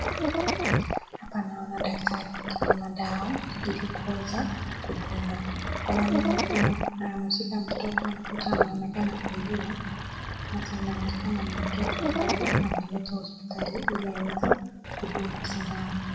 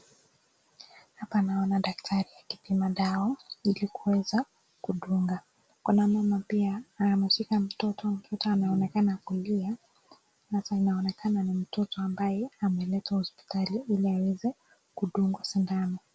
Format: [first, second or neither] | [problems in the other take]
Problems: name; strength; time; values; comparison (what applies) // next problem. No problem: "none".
second | background sound (Sink (filling or washing)); 2 dB above the speech // room echo; dies away in 1 s